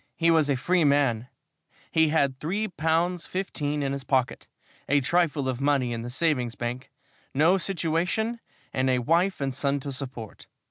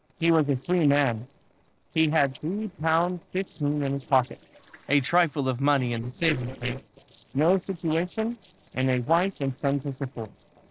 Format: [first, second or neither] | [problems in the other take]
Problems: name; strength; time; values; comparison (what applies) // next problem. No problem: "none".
first | noise reduction (neural separator model SepFormer DNS4)